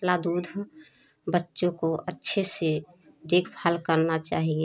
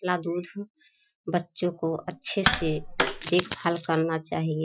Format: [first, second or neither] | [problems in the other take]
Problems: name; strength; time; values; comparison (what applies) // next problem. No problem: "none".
first | noise reduction (classical method Wiener filter)